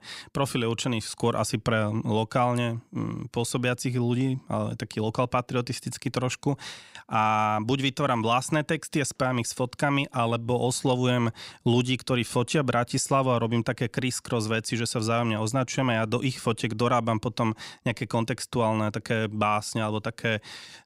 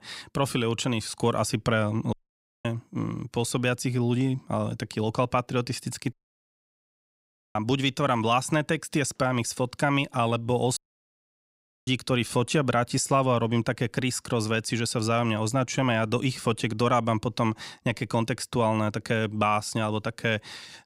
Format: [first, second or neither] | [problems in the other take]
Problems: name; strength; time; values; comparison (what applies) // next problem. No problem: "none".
first | audio cutting out; at 2 s for 0.5 s, at 6 s for 1.5 s and at 11 s for 1 s